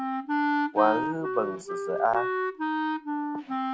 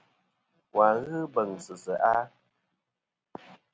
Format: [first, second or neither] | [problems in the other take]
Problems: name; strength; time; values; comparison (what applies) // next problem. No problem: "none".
second | background sound (Wind instrument, woodwind instrument); 2 dB above the speech